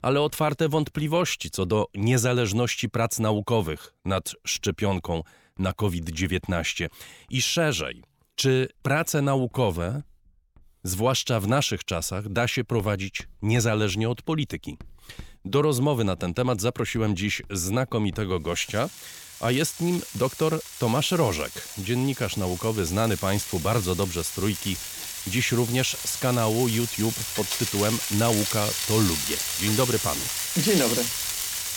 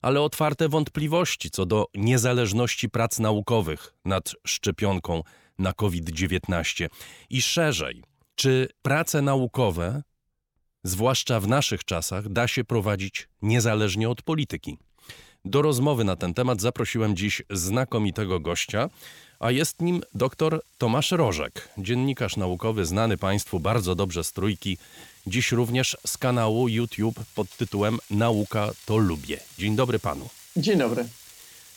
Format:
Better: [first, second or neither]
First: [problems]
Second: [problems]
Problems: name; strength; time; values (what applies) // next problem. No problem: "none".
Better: second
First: household noises; loud; throughout; 4 dB below the speech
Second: household noises; faint; throughout; 25 dB below the speech